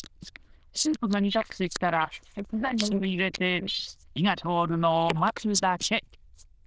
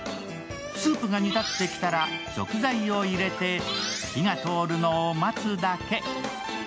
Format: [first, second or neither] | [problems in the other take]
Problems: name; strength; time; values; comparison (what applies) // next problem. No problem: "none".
second | noise reduction (neural diffusion model UNIVERSE++)